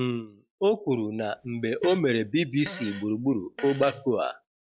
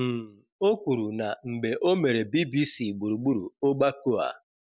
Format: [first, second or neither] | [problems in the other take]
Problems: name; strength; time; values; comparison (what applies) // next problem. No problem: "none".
second | noise reduction (classical method log-MMSE)